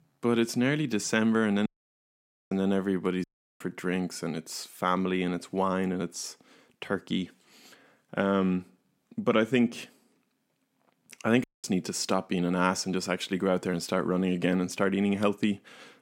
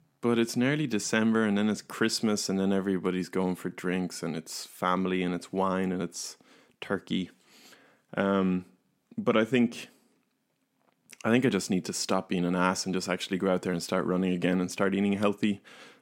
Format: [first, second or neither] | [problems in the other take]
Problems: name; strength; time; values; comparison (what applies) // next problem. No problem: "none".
second | audio cutting out; at 1.5 s for 1 s, at 3 s and at 11 s